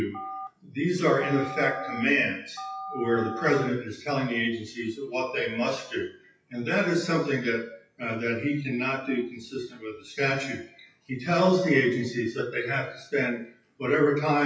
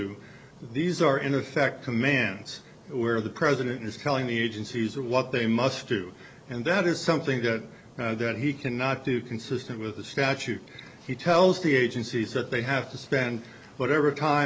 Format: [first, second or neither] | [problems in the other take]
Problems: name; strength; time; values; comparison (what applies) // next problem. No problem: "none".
second | noise reduction (classical method WPE with log-MMSE)